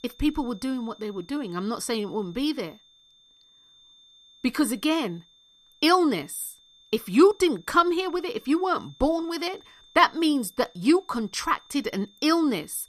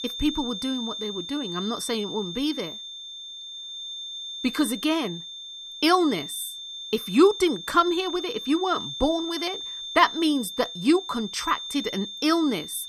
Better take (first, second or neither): first